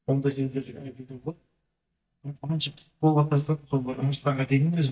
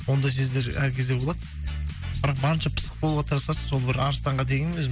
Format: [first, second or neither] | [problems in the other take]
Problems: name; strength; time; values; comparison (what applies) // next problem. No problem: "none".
second | noise reduction (neural mask model DeepFilterNet 3)